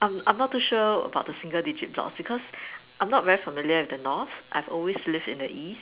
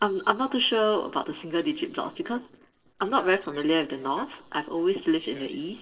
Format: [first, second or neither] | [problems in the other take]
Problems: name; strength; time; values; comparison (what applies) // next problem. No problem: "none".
first | noise reduction (neural separator model SepFormer DNS4)